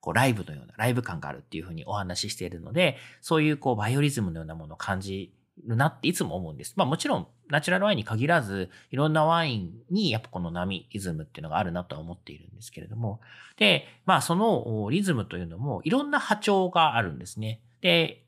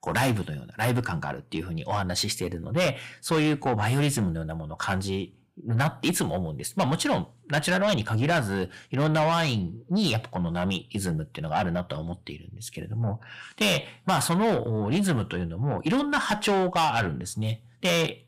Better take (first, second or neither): first